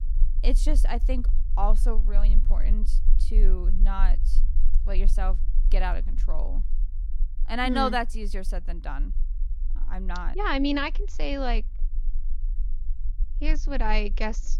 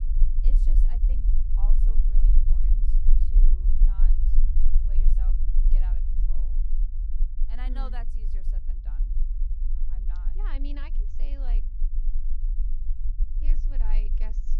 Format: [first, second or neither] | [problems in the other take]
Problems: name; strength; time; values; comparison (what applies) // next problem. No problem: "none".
first | low rumble; loud; throughout; 4 dB below the speech; faint in the first